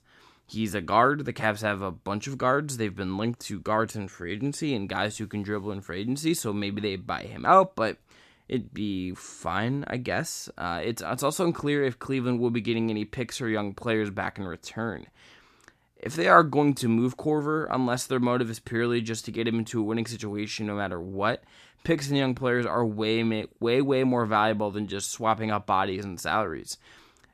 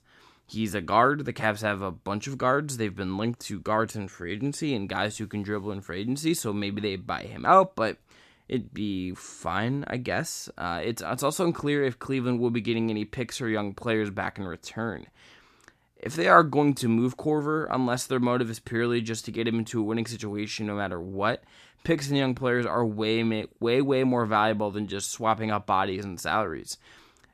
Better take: neither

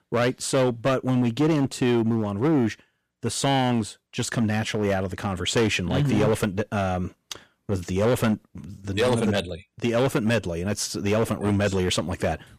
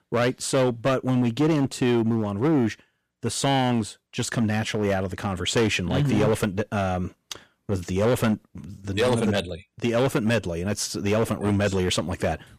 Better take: neither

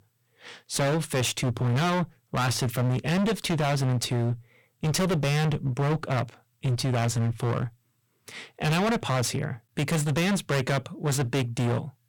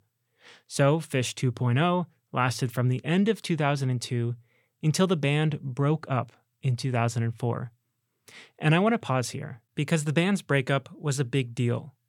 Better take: second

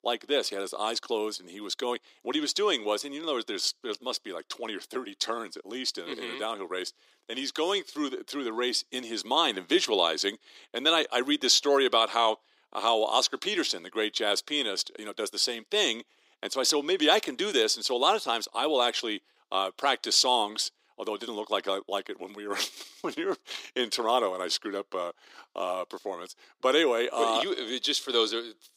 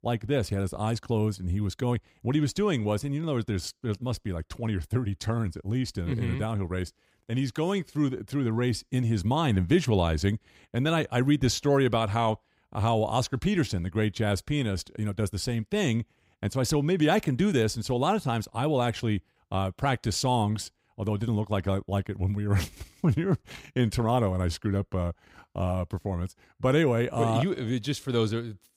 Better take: second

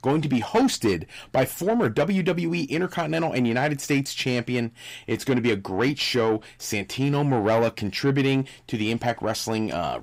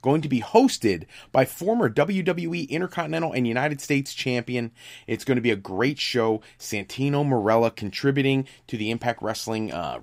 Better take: second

